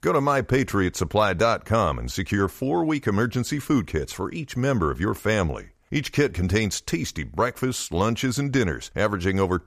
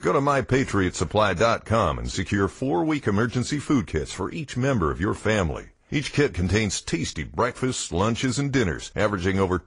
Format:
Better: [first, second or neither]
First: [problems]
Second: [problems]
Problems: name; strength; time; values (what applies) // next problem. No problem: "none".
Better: first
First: none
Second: garbled, watery; slightly; nothing above 10.5 kHz